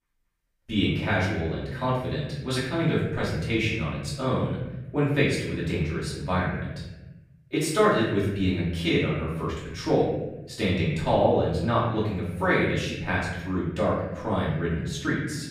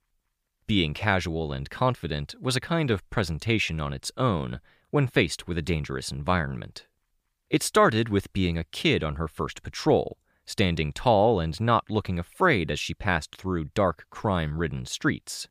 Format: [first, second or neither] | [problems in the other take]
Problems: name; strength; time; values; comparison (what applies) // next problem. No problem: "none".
second | off-mic speech; far // room echo; noticeable; dies away in 1 s